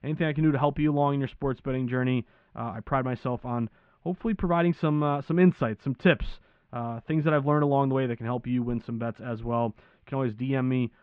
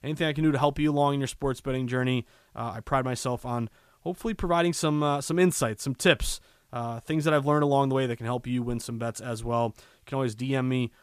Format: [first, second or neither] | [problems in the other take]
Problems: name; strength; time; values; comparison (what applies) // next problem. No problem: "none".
second | muffled; very; fading above 3 kHz